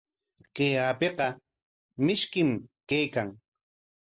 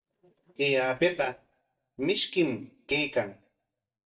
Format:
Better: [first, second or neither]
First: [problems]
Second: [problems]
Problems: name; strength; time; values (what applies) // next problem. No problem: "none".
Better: first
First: none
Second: noise reduction (neural mask model DeepFilterNet 3)